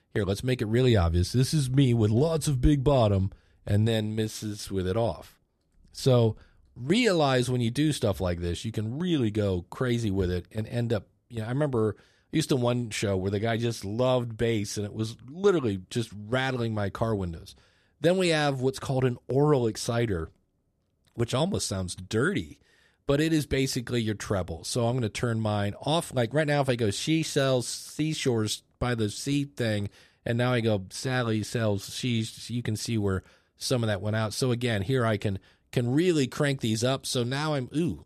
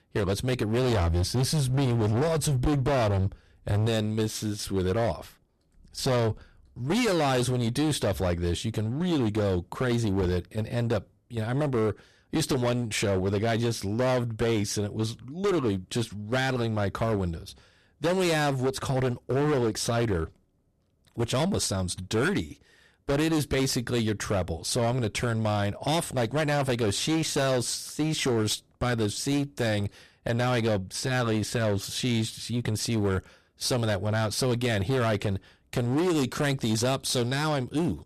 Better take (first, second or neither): first